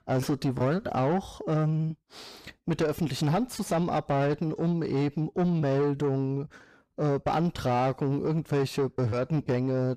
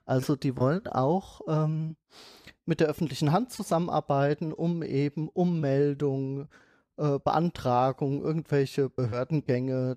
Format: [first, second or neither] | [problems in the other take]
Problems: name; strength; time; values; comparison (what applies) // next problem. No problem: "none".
second | distortion; slight; 10 dB below the speech